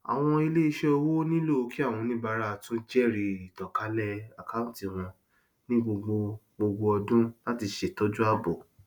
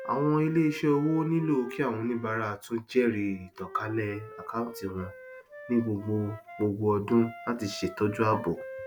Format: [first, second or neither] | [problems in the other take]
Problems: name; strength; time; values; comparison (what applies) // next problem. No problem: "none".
first | background sound (Wind instrument, woodwind instrument); 15 dB below the speech